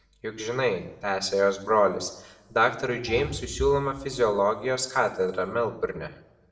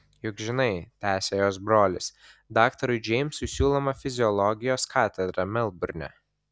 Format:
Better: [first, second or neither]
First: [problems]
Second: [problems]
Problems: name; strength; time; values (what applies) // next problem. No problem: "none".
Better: second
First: background sound (Bowed string instrument); 14 dB below the speech // room echo; dies away in 0.6 s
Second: none